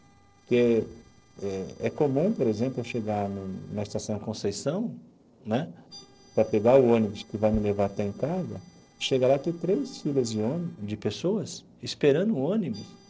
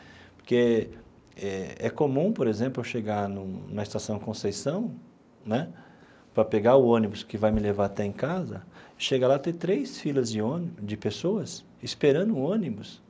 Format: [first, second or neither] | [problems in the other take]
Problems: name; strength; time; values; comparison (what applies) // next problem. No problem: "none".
second | noise reduction (neural separator model SepFormer DNS4)